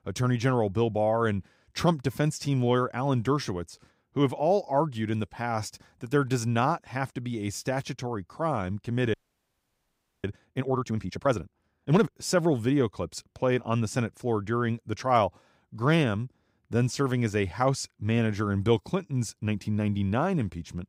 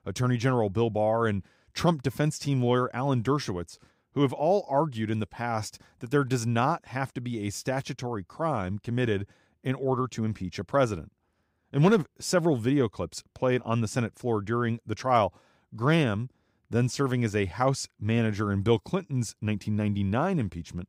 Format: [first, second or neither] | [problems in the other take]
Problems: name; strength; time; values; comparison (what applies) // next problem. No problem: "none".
second | audio freezing; at 9 s for 1 s